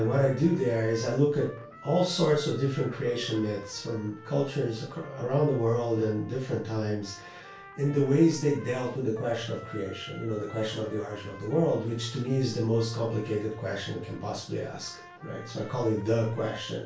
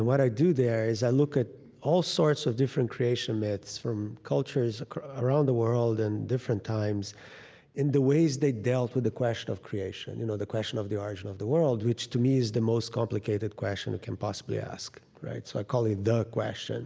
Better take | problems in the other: second | background sound (Trumpet); 20 dB below the speech // room echo; dies away in 0.3 s

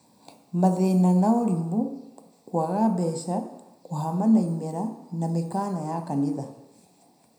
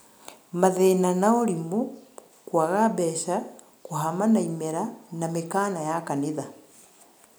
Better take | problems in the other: second | room echo; dies away in 0.7 s

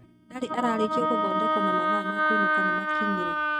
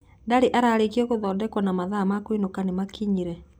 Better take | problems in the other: second | noise reduction (neural mask model RNNoise)

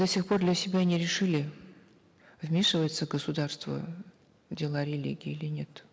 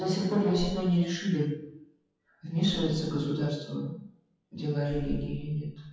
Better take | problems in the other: first | noise reduction (classical method WPE with log-MMSE)

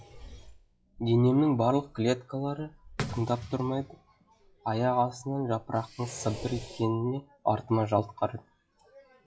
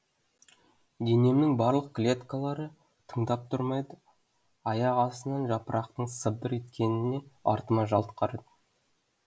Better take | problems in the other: second | noise reduction (classical method log-MMSE)

